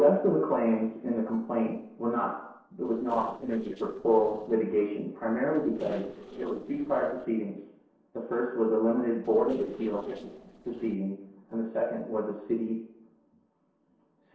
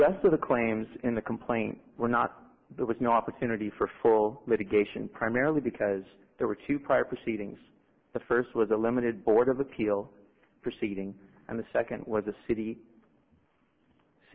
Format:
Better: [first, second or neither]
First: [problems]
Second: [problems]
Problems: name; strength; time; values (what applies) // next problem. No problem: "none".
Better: second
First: noise reduction (neural separator model SepFormer DNS4)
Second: none